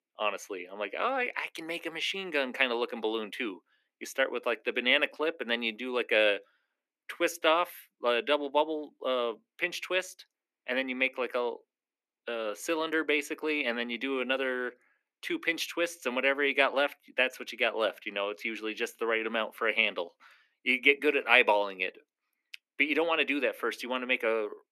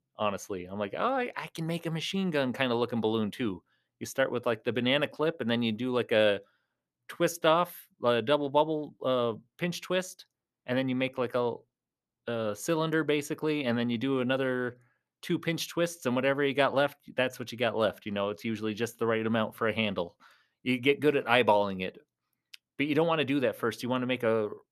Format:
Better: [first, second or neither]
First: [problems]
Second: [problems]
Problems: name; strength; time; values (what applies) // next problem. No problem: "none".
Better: second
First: thin; very slightly; fading below 250 Hz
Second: none